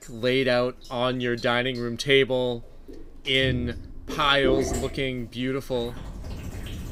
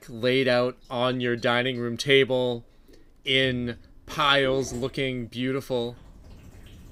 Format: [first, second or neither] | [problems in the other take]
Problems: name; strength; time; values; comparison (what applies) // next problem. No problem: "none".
second | rain or running water; loud; throughout; 9 dB below the speech; faint in the second